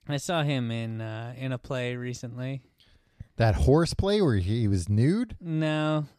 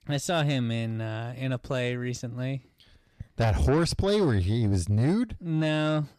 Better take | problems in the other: first | distortion; slight; 10 dB below the speech

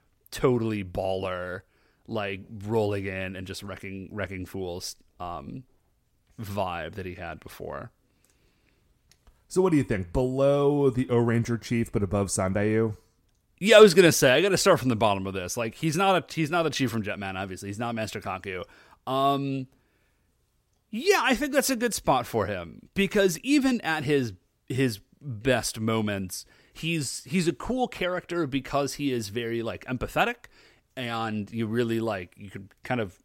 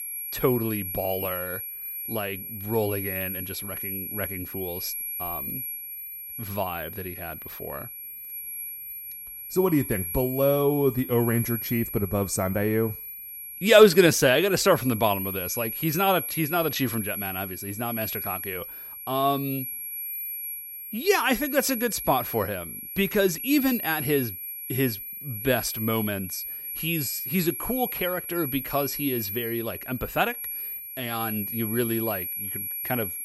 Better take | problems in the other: first | high-pitched whine; loud; throughout; 11.5 kHz, 6 dB below the speech

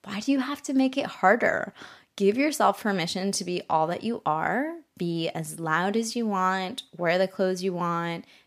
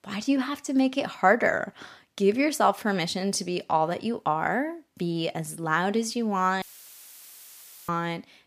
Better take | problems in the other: first | audio cutting out; filled with static; at 6.5 s for 1.5 s

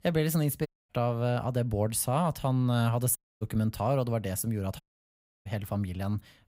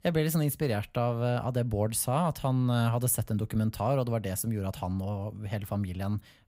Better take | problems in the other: second | audio cutting out; at 0.5 s, at 3 s and at 5 s for 0.5 s

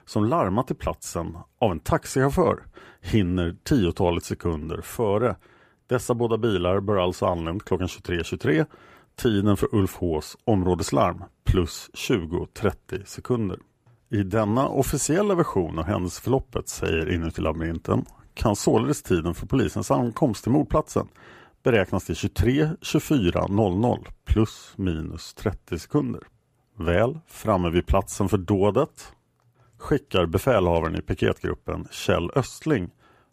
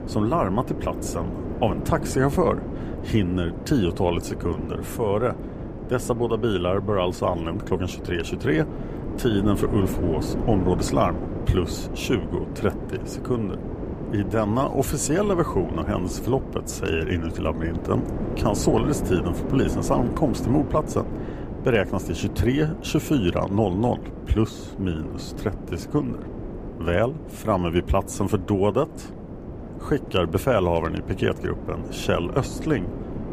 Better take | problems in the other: first | wind noise on the microphone; heavy; 10 dB below the speech

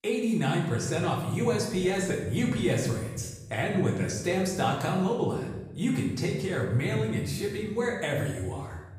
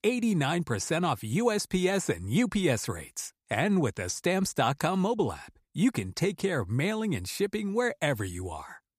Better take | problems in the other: second | room echo; noticeable; dies away in 1.1 s // off-mic speech; far

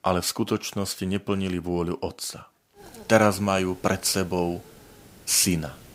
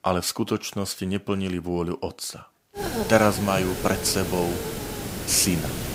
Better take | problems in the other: first | hiss; loud; from 3 s on; 6 dB below the speech; faint in the first

